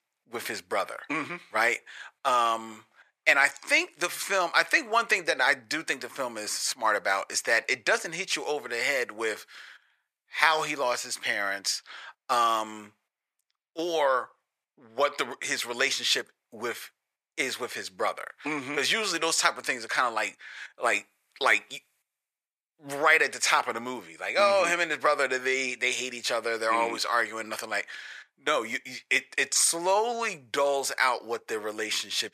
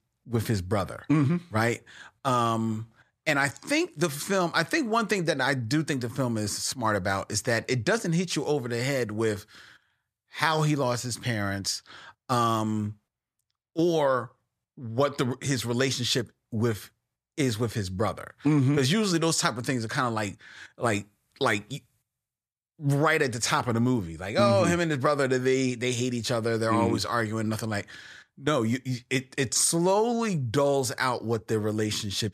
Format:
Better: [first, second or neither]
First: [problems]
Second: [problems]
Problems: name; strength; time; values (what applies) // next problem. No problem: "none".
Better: second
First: thin; very; fading below 650 Hz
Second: none